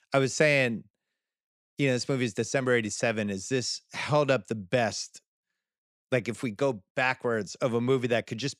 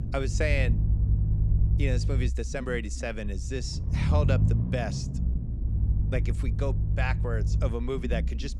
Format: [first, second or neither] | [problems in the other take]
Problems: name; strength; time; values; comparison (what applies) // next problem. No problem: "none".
first | low rumble; loud; throughout; 8 dB below the speech